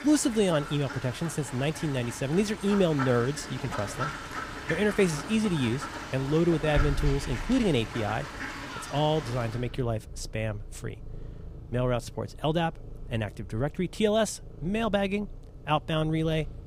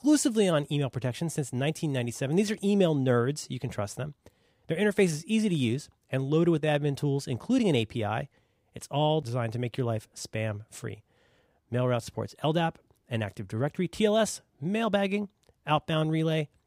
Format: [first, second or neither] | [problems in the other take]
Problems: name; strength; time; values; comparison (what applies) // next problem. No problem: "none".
second | animal sounds; loud; throughout; 10 dB below the speech